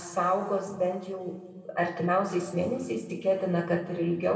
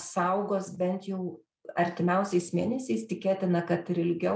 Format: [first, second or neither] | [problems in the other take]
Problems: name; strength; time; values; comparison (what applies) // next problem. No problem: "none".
second | room echo; dies away in 1.8 s